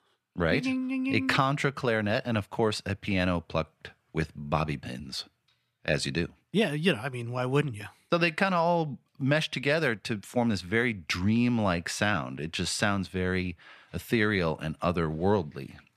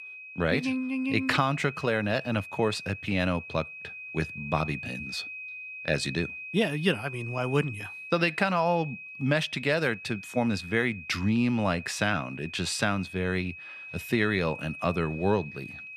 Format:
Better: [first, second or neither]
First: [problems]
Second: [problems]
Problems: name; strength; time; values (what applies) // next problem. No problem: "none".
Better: first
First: none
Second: high-pitched whine; noticeable; throughout; 2.5 kHz, 10 dB below the speech